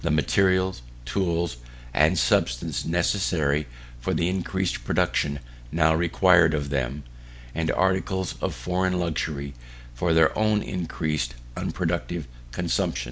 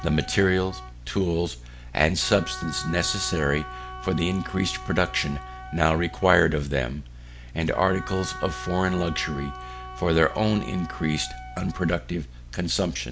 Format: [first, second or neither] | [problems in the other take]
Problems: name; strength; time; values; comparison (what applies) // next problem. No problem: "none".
first | background sound (Wind instrument, woodwind instrument); 15 dB below the speech